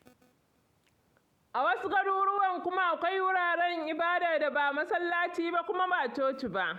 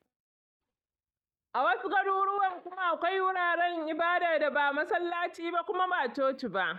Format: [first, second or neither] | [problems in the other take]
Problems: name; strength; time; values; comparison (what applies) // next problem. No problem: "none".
first | noise reduction (neural mask model DeepFilterNet 3)